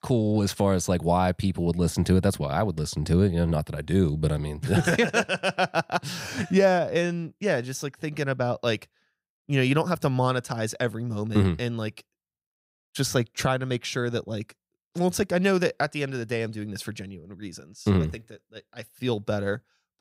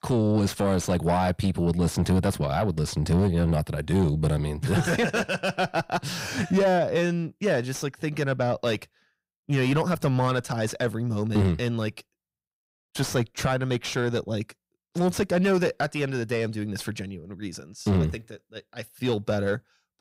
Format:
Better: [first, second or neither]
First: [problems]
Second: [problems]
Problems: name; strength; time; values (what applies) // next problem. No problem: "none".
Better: first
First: none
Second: distortion; slight; 10 dB below the speech